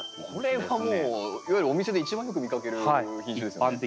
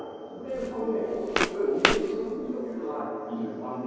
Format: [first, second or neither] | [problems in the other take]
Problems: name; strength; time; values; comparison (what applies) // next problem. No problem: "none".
first | background sound (Walk, footsteps); 1 dB below the speech // room echo; dies away in 2.2 s